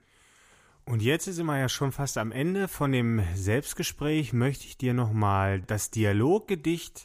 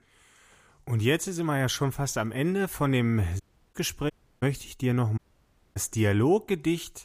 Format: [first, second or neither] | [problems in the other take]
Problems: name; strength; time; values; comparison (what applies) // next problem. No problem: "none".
first | audio cutting out; at 3.5 s, at 4 s and at 5 s for 0.5 s